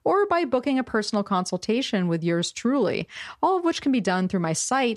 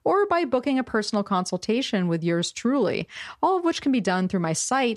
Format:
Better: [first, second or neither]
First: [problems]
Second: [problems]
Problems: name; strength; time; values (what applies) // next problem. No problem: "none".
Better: neither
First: none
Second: none